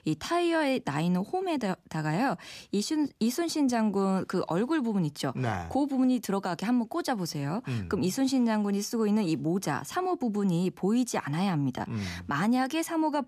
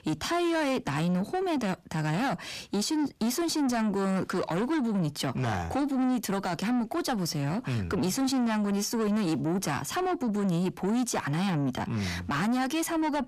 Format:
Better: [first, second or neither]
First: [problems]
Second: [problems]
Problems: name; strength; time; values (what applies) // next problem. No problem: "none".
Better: first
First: none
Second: distortion; slight; 10 dB below the speech